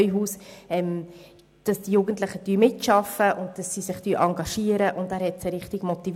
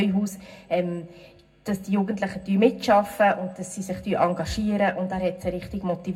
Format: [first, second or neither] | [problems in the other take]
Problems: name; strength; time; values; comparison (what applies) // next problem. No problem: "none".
first | room echo; dies away in 0.3 s